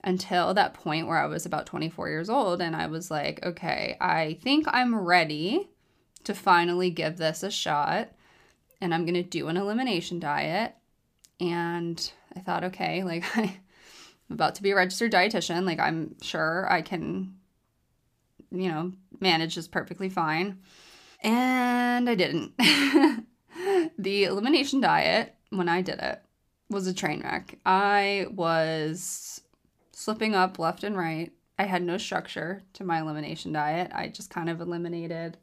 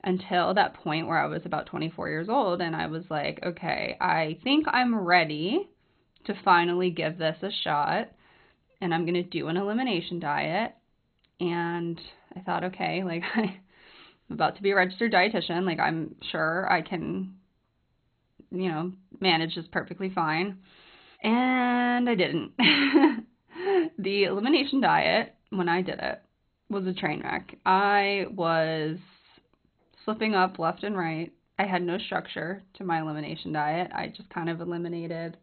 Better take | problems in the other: first | garbled, watery; badly; nothing above 4 kHz

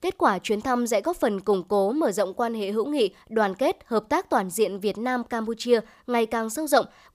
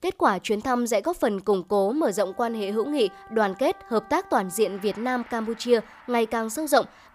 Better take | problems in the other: first | background music; faint; from 2 s on; 20 dB below the speech

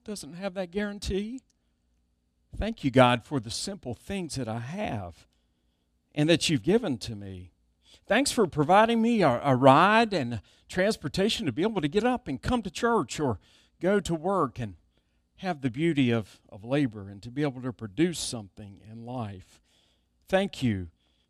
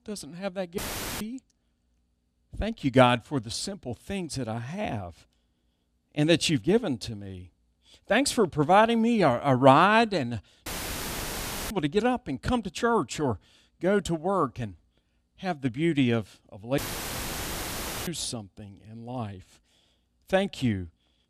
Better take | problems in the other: first | audio cutting out; filled with static; at 1 s, at 11 s for 1 s and at 17 s for 1.5 s

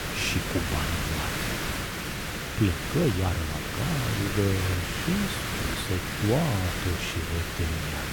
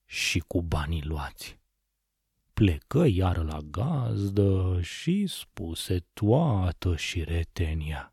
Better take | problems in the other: second | hiss; loud; throughout; 1 dB below the speech

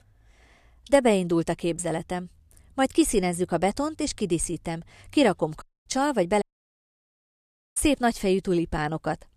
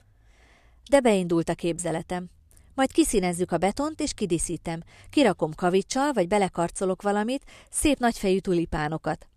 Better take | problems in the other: second | audio cutting out; at 5.5 s and at 6.5 s for 1.5 s

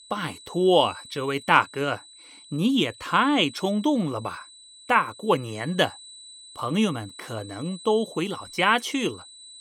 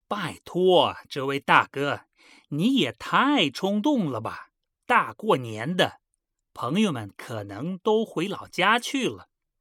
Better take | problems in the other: second | high-pitched whine; noticeable; throughout; 4 kHz, 20 dB below the speech

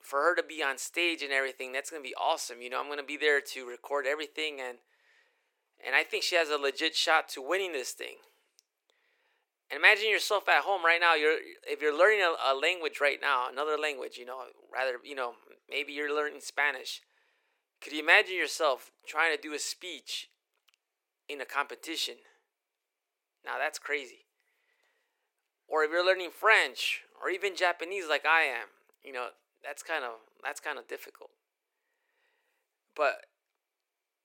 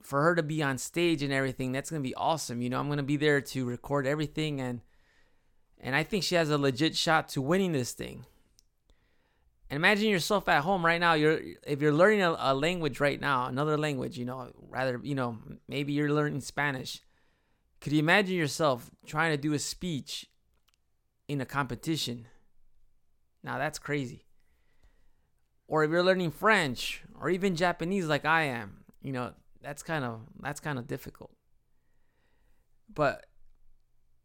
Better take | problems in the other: second | thin; very; fading below 400 Hz

